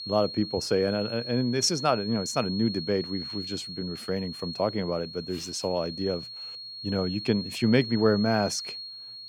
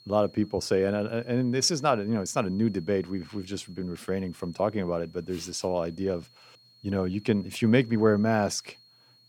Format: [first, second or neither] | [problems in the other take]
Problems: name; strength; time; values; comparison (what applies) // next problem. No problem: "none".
second | high-pitched whine; loud; throughout; 4.5 kHz, 8 dB below the speech; faint in the second